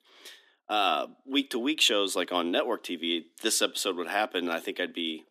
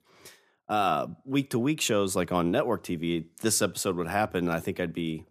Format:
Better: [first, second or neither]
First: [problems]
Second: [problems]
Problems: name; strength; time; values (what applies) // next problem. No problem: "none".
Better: second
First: thin; very slightly; fading below 250 Hz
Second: none